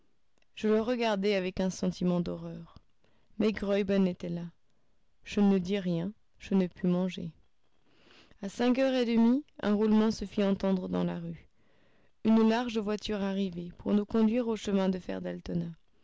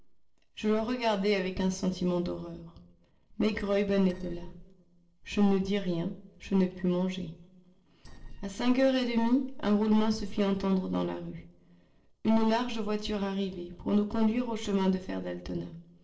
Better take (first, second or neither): first